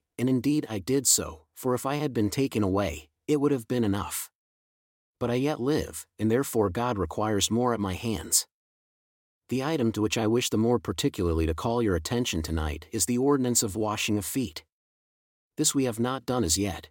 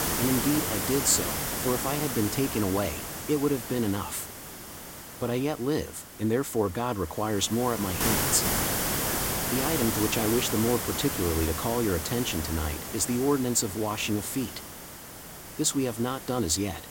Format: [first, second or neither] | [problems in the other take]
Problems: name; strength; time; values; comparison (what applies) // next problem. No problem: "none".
first | hiss; loud; throughout; 2 dB below the speech